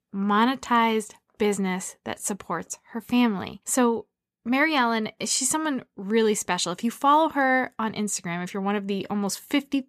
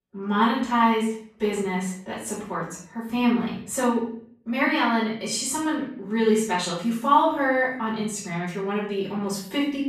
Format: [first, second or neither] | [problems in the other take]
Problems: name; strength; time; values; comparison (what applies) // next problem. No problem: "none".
first | room echo; noticeable; dies away in 0.6 s // off-mic speech; far